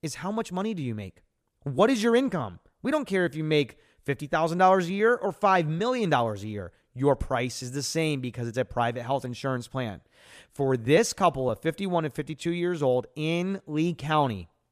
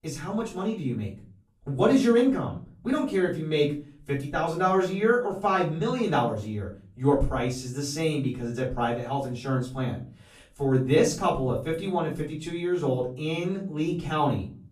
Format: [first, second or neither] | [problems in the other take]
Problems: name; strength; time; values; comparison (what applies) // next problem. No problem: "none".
first | off-mic speech; far // room echo; slight; dies away in 0.4 s